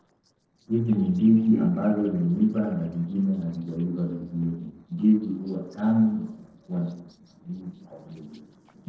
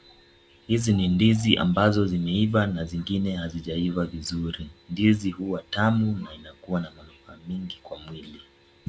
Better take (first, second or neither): second